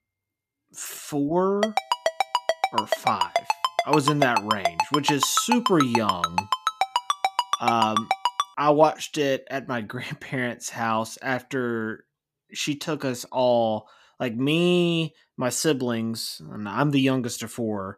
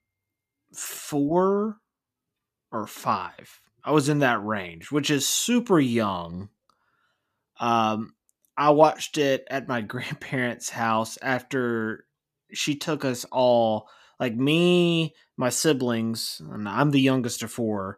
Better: second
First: phone ringing; loud; from 1.5 to 8.5 s; peak level with the speech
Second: none

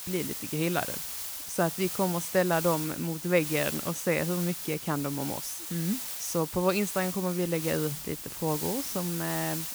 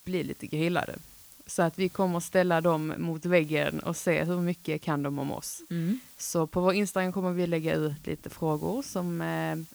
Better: second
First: hiss; loud; throughout; 4 dB below the speech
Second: hiss; faint; throughout; 20 dB below the speech

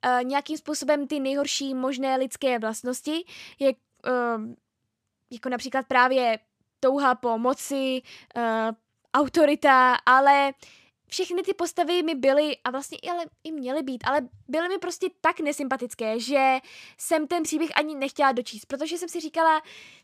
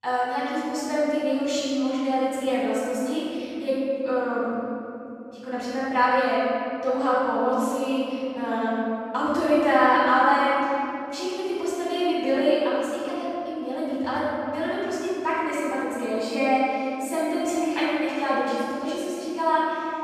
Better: first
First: none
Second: off-mic speech; far // room echo; strong; dies away in 3 s

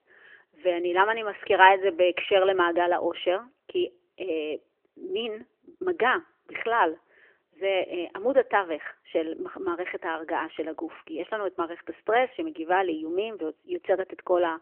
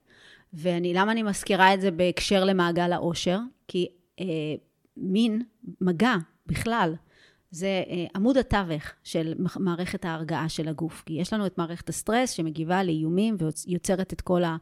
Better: second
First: phone-call audio; nothing above 3 kHz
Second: none

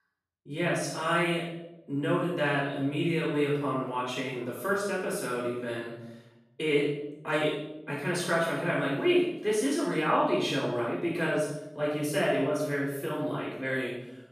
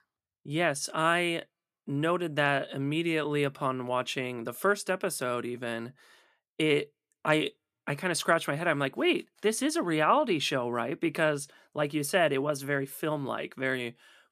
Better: second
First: room echo; strong; dies away in 0.8 s // off-mic speech; far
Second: none

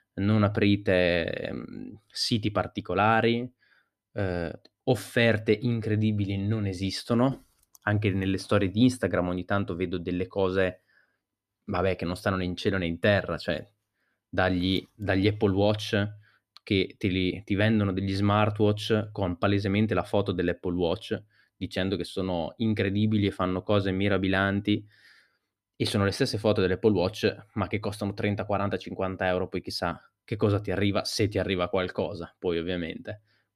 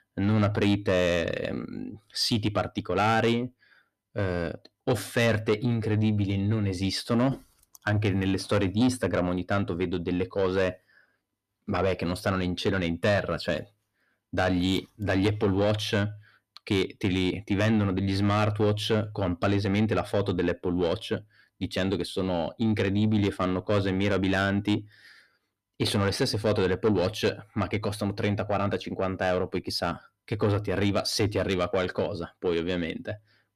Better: first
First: none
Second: distortion; slight; 10 dB below the speech

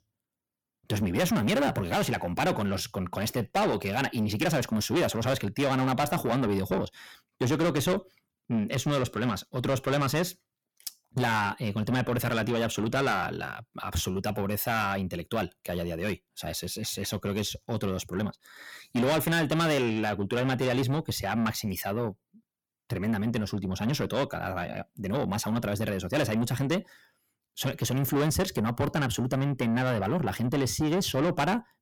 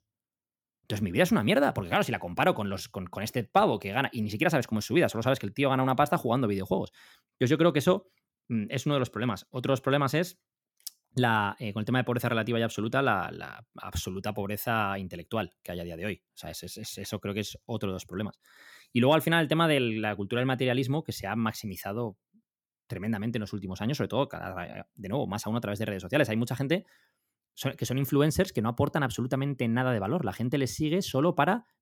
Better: second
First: distortion; heavy; 6 dB below the speech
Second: none

